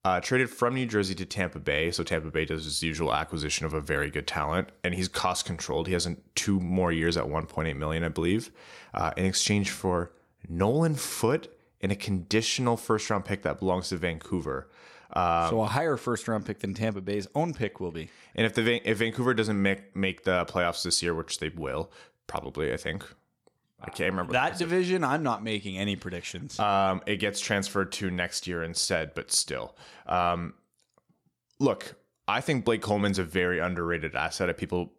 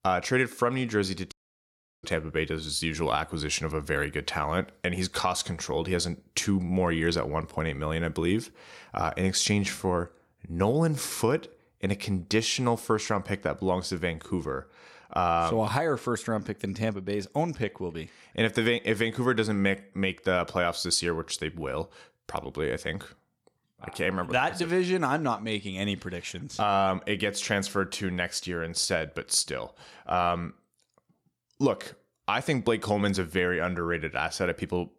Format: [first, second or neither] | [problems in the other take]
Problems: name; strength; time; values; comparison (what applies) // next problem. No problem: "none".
first | audio cutting out; at 1.5 s for 0.5 s